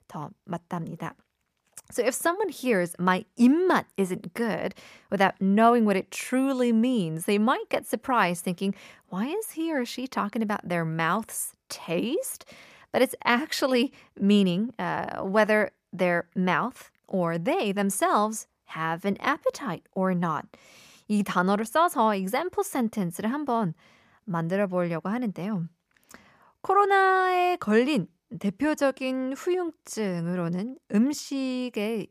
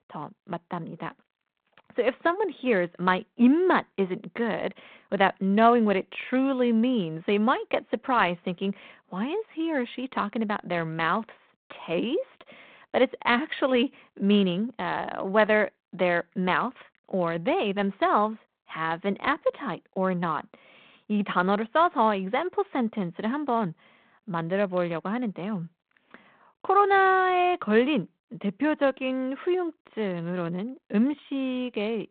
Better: first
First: none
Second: phone-call audio; nothing above 3.5 kHz

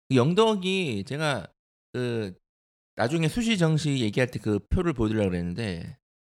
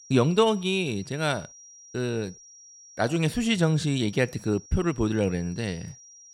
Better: first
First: none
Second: high-pitched whine; faint; throughout; 5.5 kHz, 20 dB below the speech

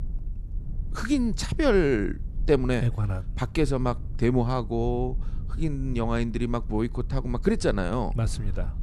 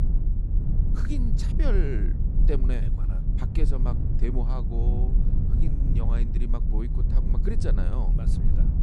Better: first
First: low rumble; faint; throughout; 25 dB below the speech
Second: low rumble; loud; throughout; 3 dB below the speech

